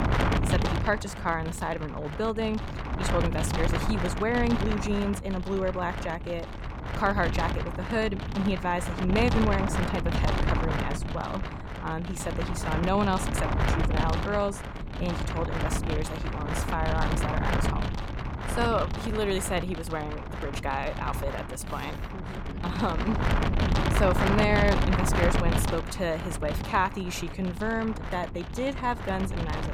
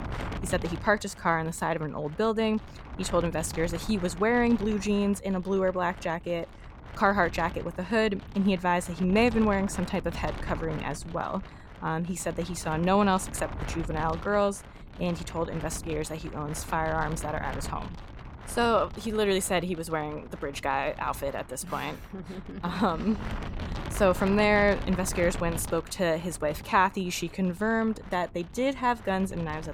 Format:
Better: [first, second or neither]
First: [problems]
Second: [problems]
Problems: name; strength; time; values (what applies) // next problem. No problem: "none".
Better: second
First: wind noise on the microphone; heavy; 3 dB below the speech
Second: wind noise on the microphone; occasional gusts; 15 dB below the speech